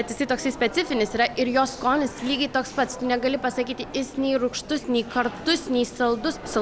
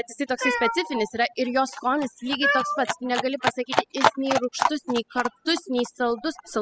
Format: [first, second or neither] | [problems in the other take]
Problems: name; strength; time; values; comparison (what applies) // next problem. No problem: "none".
first | noise reduction (classical method spectral subtraction)